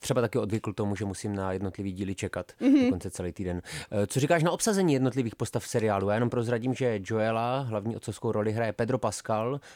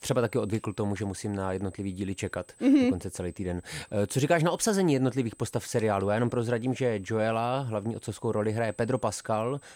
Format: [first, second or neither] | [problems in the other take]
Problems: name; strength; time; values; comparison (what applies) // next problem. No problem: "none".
first | high-pitched whine; faint; throughout; 8 kHz, 25 dB below the speech